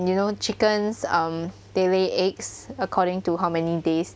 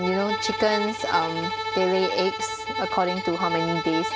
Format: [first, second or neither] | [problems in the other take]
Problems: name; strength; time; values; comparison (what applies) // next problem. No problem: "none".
first | background sound (Bowed string instrument); 3 dB below the speech